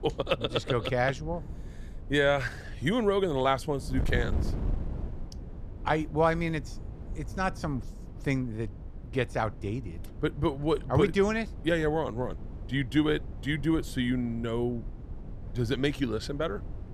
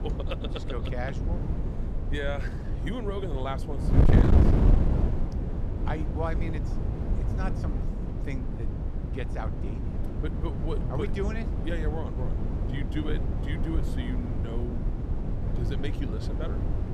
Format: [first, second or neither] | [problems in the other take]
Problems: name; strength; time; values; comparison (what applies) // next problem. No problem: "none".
first | wind noise on the microphone; heavy; 1 dB below the speech; occasional gusts in the first